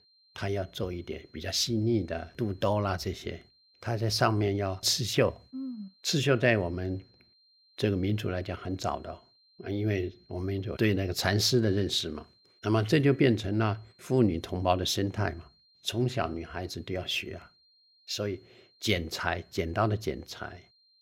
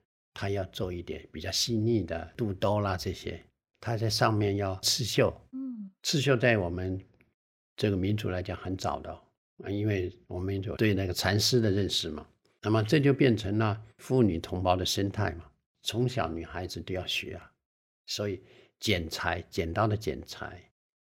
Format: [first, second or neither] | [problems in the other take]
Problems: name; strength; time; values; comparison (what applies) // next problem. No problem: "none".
second | high-pitched whine; faint; throughout; 4 kHz, 30 dB below the speech